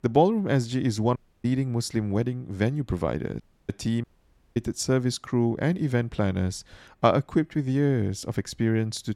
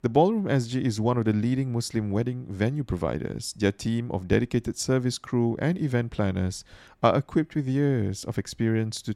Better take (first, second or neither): second